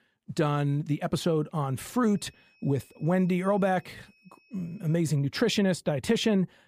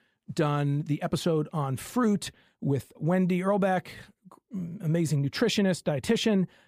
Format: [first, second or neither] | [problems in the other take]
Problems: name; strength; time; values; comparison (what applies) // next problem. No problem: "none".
second | high-pitched whine; faint; from 2 to 5 s; 2.5 kHz, 35 dB below the speech